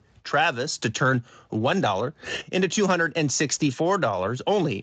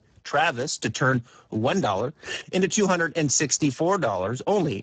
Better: first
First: garbled, watery; slightly; nothing above 7.5 kHz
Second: garbled, watery; badly; nothing above 7.5 kHz

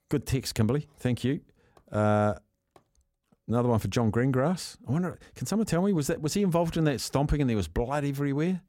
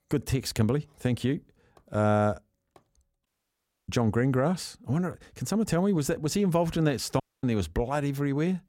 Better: first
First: none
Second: audio cutting out; at 3.5 s for 0.5 s and at 7 s

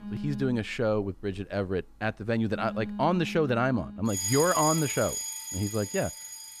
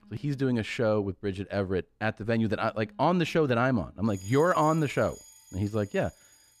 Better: second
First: alarms or sirens; loud; throughout; 5 dB below the speech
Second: alarms or sirens; faint; throughout; 25 dB below the speech

